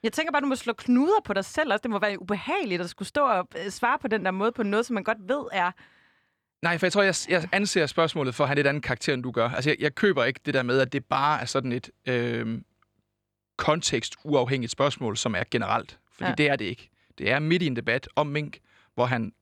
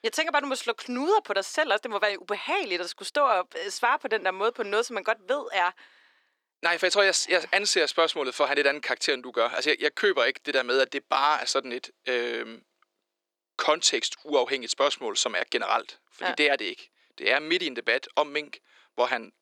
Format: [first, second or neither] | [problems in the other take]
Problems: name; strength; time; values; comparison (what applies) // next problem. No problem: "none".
first | thin; somewhat; fading below 350 Hz